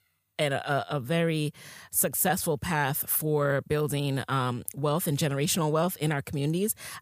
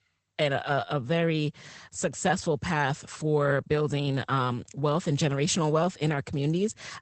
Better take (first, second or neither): first